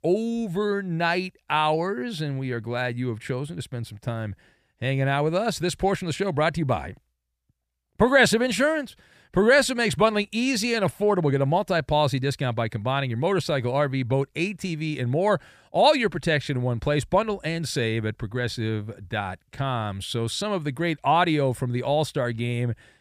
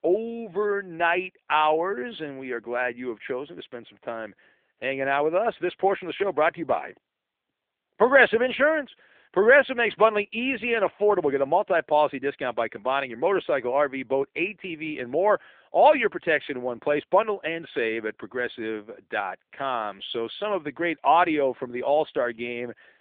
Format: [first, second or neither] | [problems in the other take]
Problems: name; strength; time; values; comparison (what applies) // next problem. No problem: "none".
first | phone-call audio